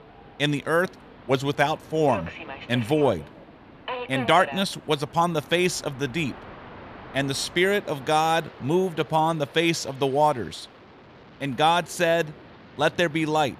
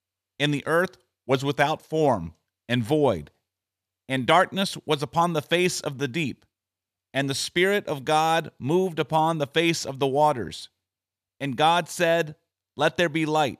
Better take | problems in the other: second | train or aircraft noise; noticeable; throughout; 15 dB below the speech

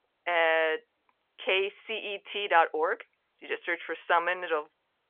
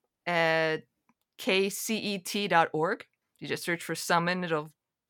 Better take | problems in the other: second | phone-call audio; nothing above 3.5 kHz

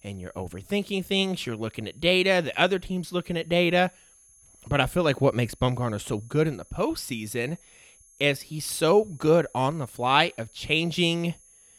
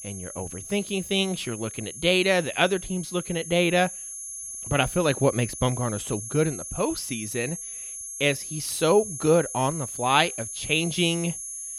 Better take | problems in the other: first | high-pitched whine; loud; throughout; 11 kHz, 9 dB below the speech; faint in the first

